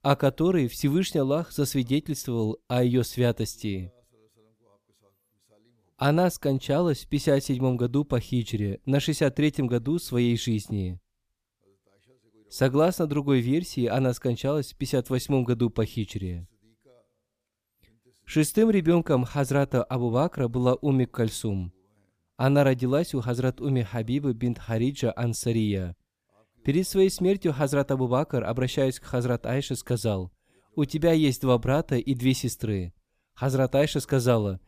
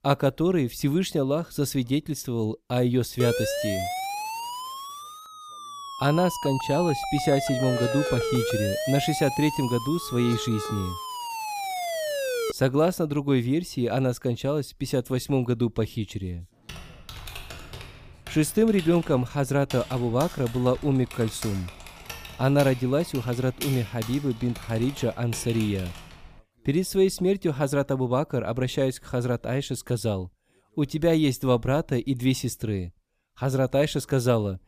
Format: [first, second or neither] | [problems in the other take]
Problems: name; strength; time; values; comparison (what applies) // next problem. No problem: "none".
first | siren; noticeable; from 3 to 13 s; peak 1 dB below the speech // keyboard typing; noticeable; from 17 to 26 s; peak 9 dB below the speech